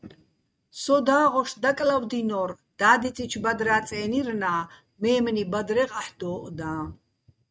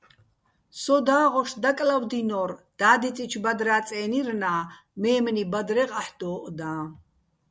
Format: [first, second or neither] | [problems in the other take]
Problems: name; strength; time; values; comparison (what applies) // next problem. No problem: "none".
second | noise reduction (neural mask model RNNoise)